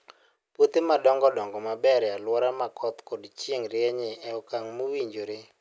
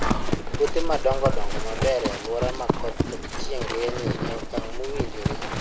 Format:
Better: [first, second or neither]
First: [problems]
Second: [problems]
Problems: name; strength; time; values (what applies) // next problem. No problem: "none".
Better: first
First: none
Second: background sound (Livestock, farm animals, working animals); 3 dB above the speech